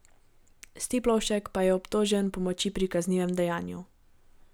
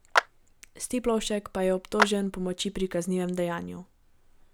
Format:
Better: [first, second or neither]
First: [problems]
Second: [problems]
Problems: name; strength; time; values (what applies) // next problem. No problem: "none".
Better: first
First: none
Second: background sound (Clapping); 2 dB below the speech